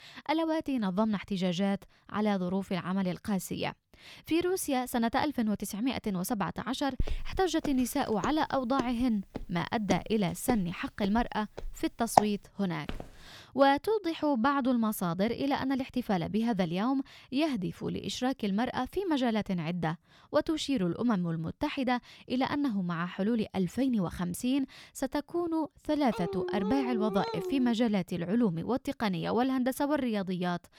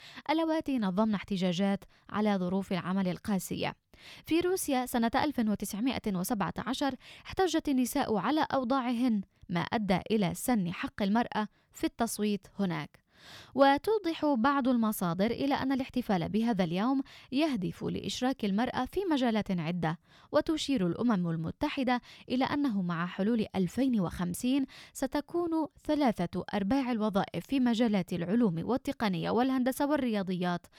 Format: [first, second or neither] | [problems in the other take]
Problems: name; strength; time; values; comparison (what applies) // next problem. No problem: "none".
second | footsteps; loud; from 7 to 12 s; peak 4 dB above the speech // footsteps; faint; at 13 s; peak 15 dB below the speech // dog barking; noticeable; from 26 to 28 s; peak 4 dB below the speech